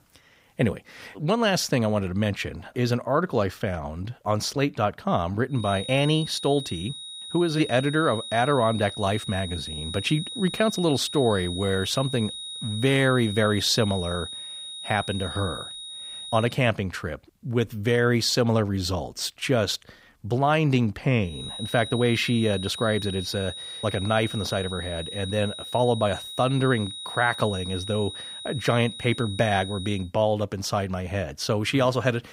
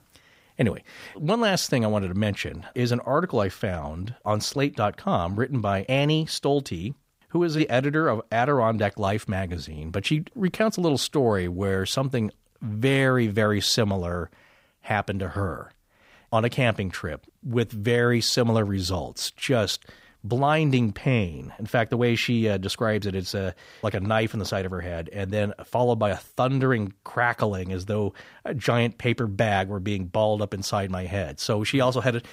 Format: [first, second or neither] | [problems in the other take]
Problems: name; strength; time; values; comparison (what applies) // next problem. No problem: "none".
second | high-pitched whine; loud; from 5.5 to 16 s and from 21 to 30 s; 4 kHz, 9 dB below the speech